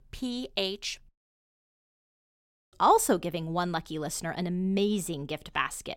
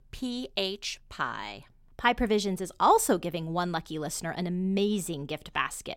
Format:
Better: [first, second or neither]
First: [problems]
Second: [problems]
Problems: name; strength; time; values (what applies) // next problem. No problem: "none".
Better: second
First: audio cutting out; at 1 s for 1.5 s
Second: none